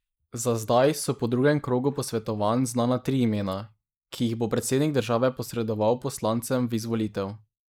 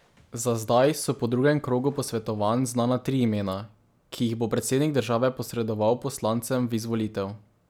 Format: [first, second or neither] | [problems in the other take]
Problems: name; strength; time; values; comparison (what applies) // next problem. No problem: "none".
second | noise reduction (neural mask model Resemble Enhance denoiser)